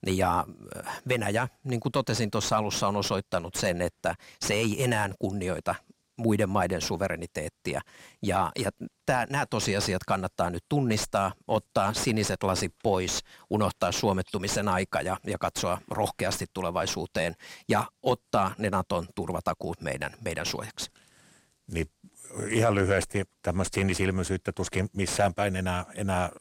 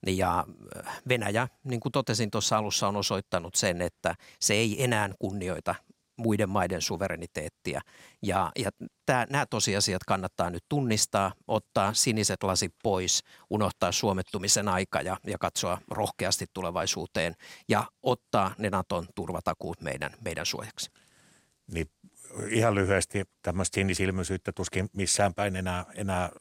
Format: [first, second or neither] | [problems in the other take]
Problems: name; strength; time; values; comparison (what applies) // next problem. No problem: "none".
second | distortion; slight; 9 dB below the speech